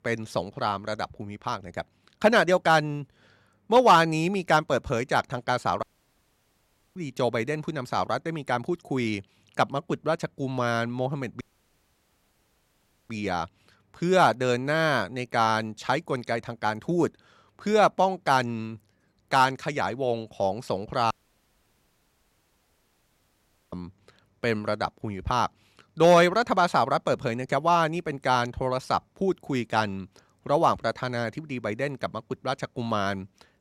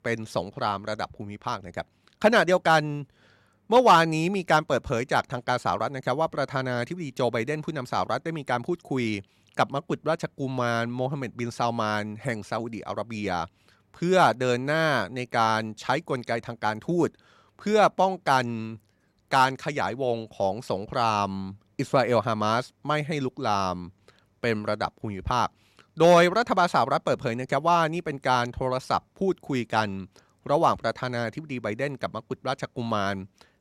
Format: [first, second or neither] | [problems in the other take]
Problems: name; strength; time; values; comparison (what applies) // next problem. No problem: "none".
second | audio cutting out; at 6 s for 1 s, at 11 s for 1.5 s and at 21 s for 2.5 s